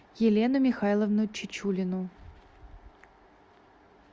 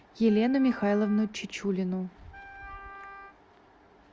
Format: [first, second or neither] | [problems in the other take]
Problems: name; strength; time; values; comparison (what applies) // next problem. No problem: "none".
first | background sound (Wind instrument, woodwind instrument); 17 dB below the speech